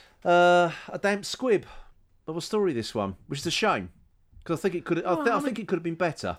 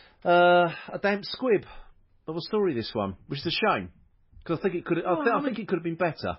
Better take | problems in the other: first | garbled, watery; badly; nothing above 5.5 kHz

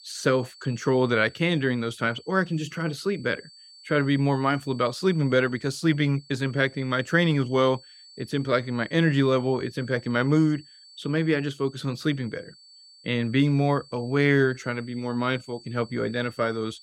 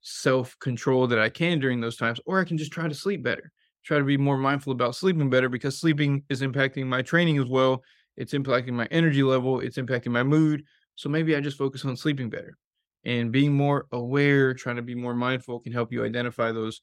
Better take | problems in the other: second | high-pitched whine; faint; throughout; 4.5 kHz, 25 dB below the speech

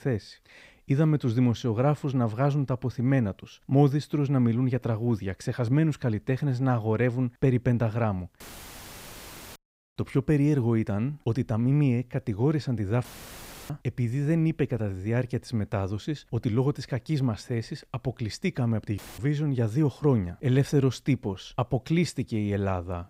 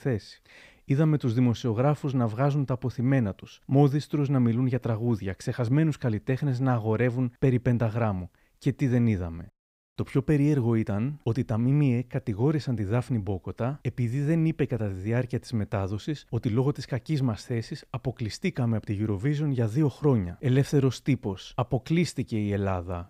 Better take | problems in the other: second | audio cutting out; filled with static; at 8.5 s for 1 s, at 13 s for 0.5 s and at 19 s

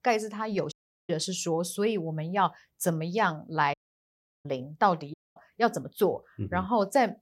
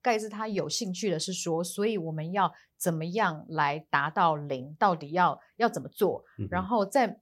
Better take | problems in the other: second | audio cutting out; at 0.5 s, at 3.5 s for 0.5 s and at 5 s

